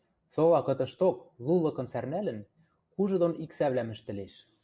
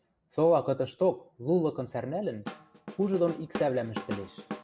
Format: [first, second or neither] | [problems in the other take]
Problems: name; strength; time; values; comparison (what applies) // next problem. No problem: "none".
first | background sound (Drum / Drum kit); 11 dB below the speech